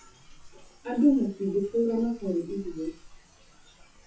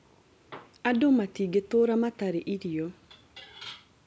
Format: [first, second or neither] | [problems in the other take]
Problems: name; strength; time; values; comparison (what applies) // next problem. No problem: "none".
second | noise reduction (classical method WPE with log-MMSE)